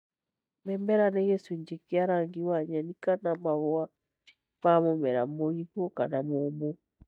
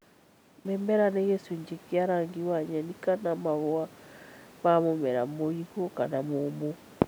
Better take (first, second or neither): second